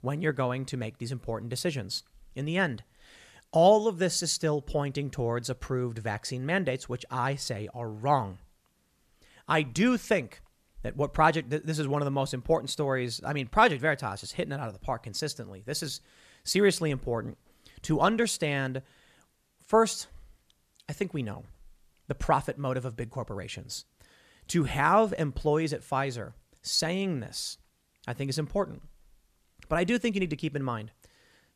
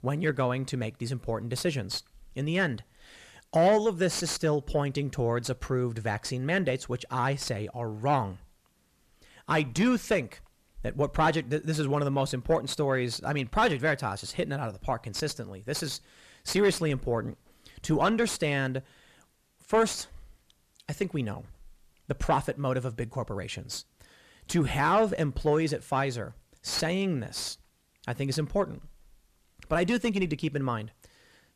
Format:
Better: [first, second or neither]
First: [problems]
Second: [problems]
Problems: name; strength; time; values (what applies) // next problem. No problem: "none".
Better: first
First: none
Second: distortion; slight; 10 dB below the speech